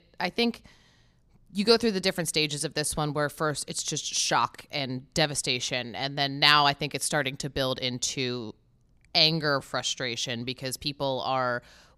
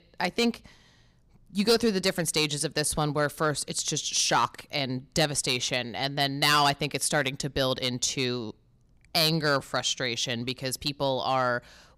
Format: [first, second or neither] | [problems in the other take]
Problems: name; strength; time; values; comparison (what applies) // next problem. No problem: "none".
first | distortion; slight; 1.7% of the sound clipped